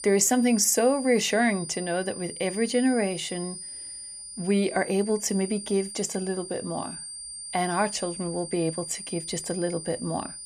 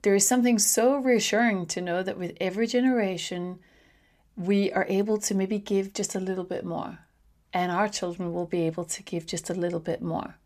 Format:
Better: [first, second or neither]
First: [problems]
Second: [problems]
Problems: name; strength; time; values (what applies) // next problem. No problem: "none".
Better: second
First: high-pitched whine; loud; throughout; 9 kHz, 10 dB below the speech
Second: none